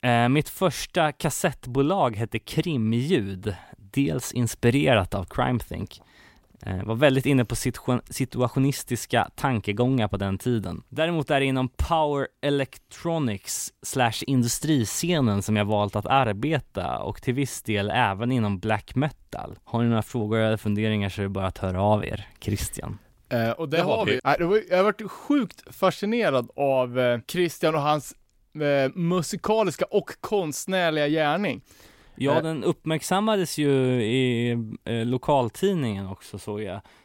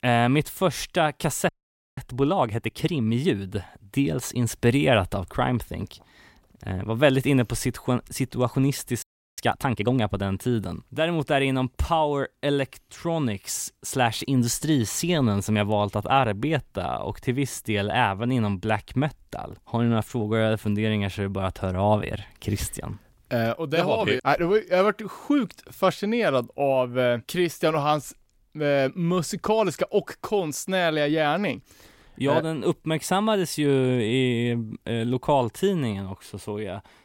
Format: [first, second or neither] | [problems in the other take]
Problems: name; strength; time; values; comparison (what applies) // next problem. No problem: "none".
first | audio freezing; at 1.5 s and at 9 s